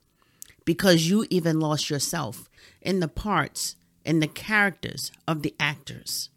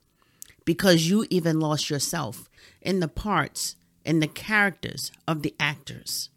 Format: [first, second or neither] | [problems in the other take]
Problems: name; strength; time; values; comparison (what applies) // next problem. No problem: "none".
neither | none